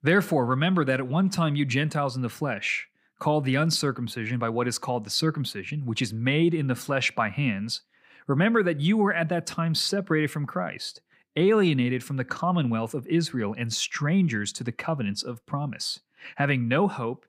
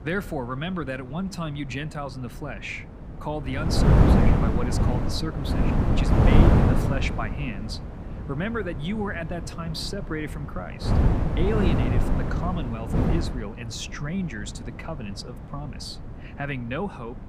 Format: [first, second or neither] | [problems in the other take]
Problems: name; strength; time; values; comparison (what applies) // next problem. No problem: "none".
first | wind noise on the microphone; heavy; 3 dB above the speech